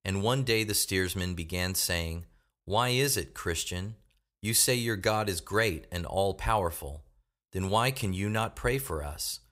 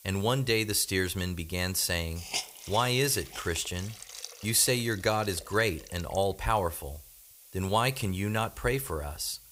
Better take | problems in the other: first | hiss; noticeable; throughout; 15 dB below the speech

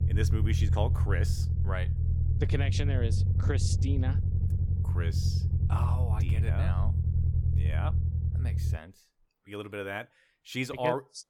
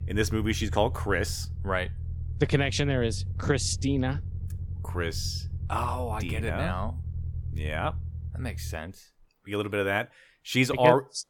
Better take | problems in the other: second | low rumble; loud; until 9 s; 6 dB below the speech; faint in the second

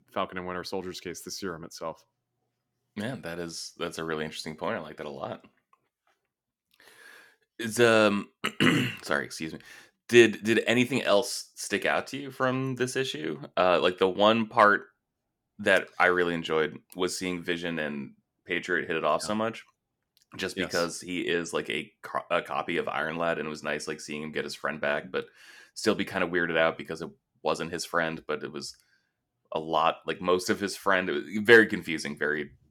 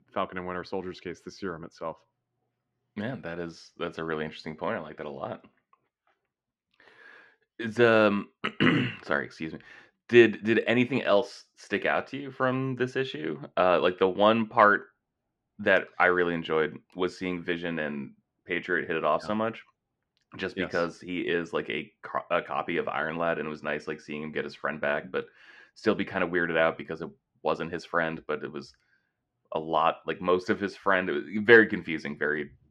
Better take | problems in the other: first | muffled; slightly; fading above 3 kHz

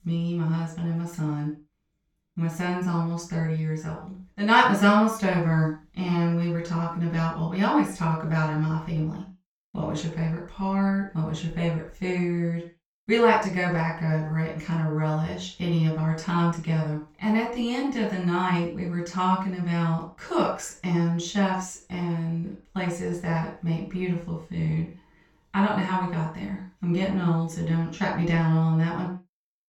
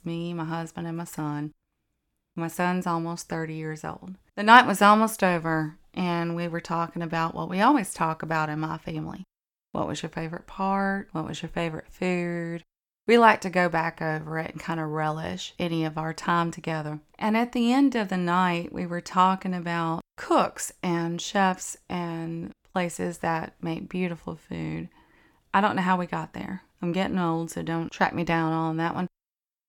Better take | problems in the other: second | room echo; noticeable; dies away in 0.3 s // off-mic speech; far

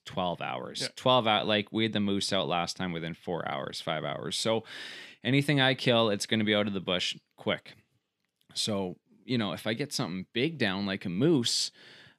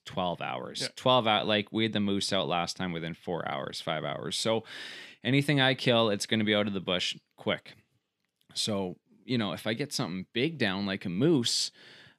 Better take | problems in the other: neither | none

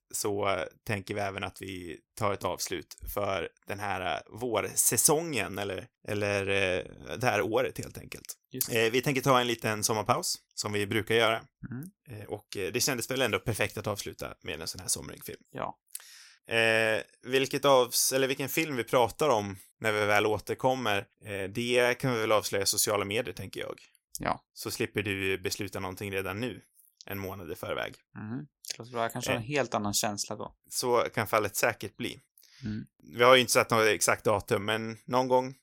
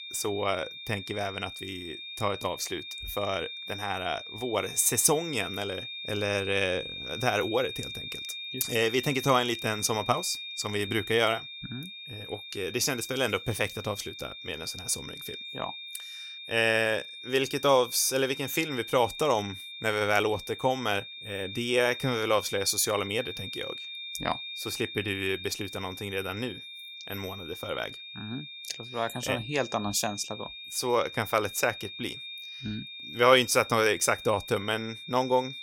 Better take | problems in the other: first | high-pitched whine; loud; throughout; 3.5 kHz, 10 dB below the speech

